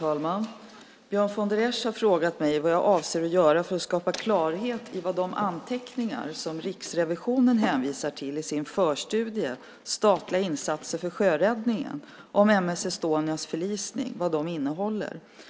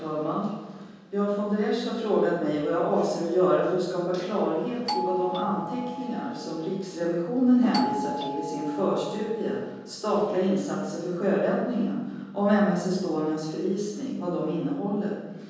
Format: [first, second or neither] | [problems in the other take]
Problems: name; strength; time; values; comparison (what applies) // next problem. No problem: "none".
first | background sound (Doorbell); 8 dB below the speech // room echo; dies away in 1.3 s